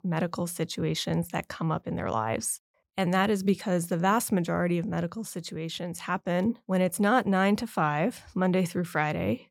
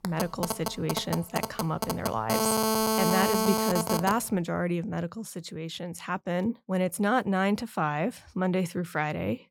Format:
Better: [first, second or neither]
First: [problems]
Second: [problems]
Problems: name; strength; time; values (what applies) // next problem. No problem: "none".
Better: first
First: none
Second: phone ringing; loud; until 4 s; peak 5 dB above the speech